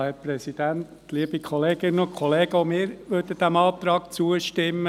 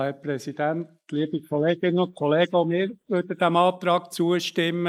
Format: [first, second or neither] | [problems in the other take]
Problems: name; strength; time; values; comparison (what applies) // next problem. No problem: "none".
first | noise reduction (neural mask model Resemble Enhance denoiser)